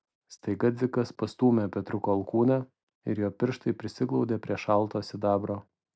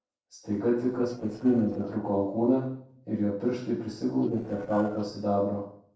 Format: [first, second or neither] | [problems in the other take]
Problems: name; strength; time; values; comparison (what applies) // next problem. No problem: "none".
first | noise reduction (neural separator model SepFormer DNS4)